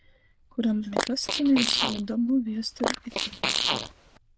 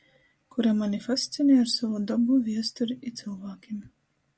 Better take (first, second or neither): second